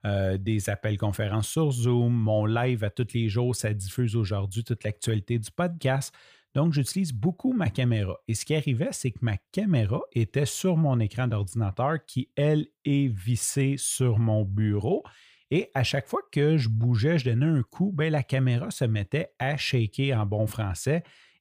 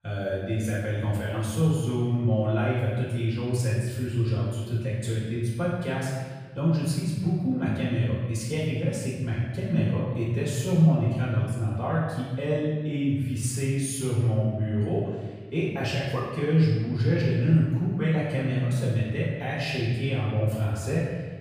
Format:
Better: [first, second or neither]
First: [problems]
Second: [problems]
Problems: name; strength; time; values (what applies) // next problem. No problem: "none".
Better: first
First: none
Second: off-mic speech; far // room echo; strong; dies away in 1.3 s